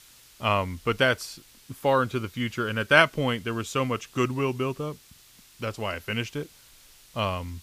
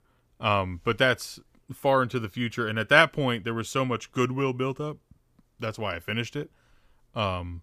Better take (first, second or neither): second